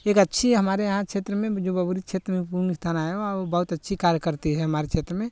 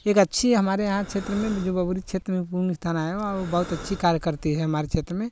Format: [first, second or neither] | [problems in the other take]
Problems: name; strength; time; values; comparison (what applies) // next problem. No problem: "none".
first | background sound (Breathing); 15 dB below the speech